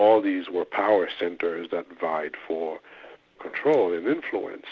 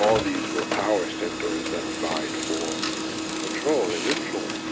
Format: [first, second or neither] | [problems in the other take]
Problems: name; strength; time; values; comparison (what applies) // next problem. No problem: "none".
first | background sound (Printer); 1 dB below the speech